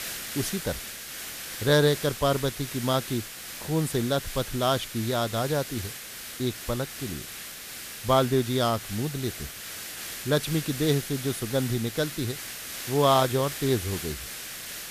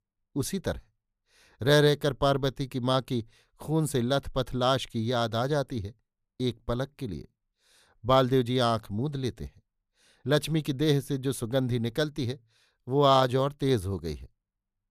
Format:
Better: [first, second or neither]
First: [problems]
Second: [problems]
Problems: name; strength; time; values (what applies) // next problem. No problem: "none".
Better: second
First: hiss; loud; throughout; 8 dB below the speech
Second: none